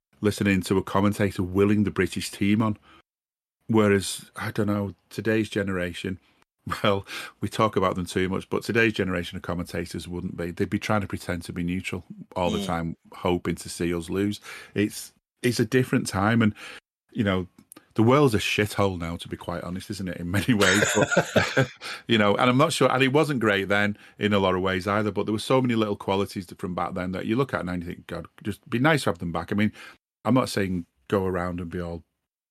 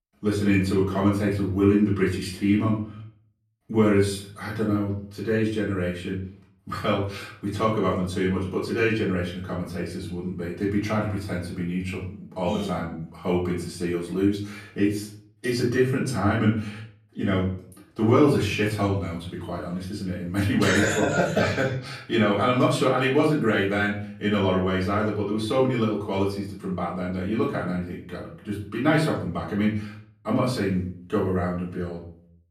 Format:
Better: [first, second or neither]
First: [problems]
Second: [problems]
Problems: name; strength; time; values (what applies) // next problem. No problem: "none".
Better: first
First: none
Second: off-mic speech; far // room echo; slight; dies away in 0.5 s